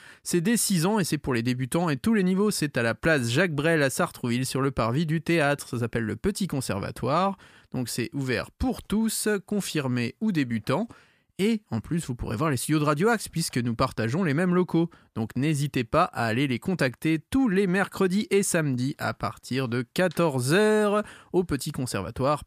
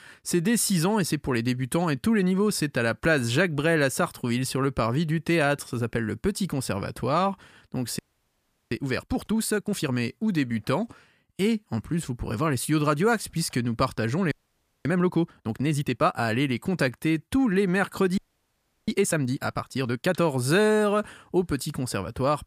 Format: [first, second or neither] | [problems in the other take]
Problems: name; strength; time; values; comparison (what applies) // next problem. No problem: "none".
first | audio freezing; at 8 s for 0.5 s, at 14 s for 0.5 s and at 18 s for 0.5 s